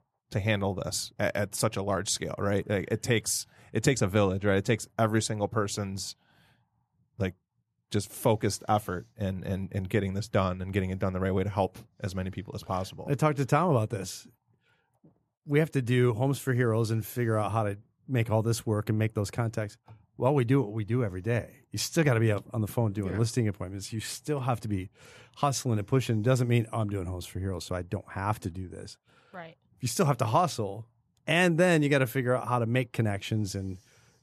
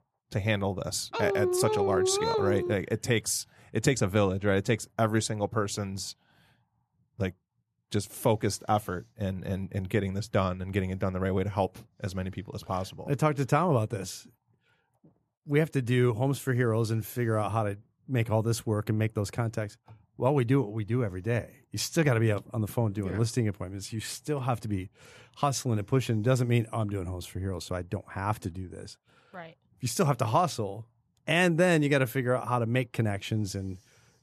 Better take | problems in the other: first | dog barking; loud; from 1 to 2.5 s; peak 2 dB above the speech

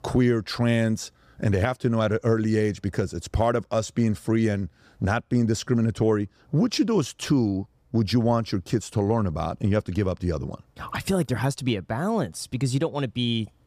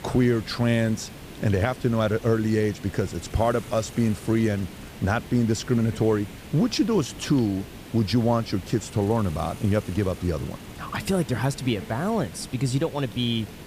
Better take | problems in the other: first | hiss; noticeable; throughout; 15 dB below the speech

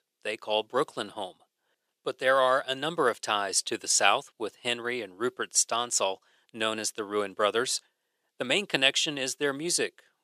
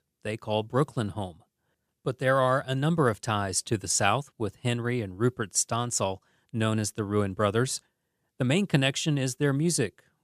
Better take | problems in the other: second | thin; somewhat; fading below 450 Hz

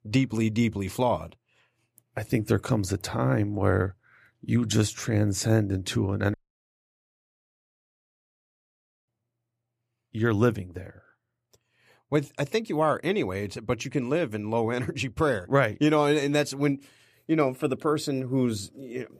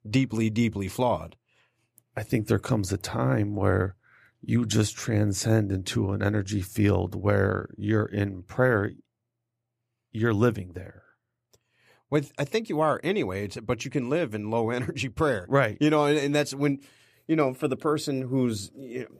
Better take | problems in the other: second | audio cutting out; at 6.5 s for 2.5 s

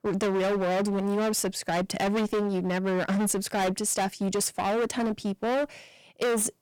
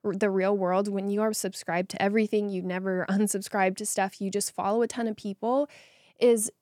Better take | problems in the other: second | distortion; heavy; 27% of the sound clipped

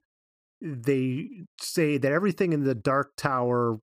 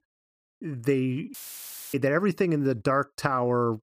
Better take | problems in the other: first | audio cutting out; filled with static; at 1.5 s for 0.5 s

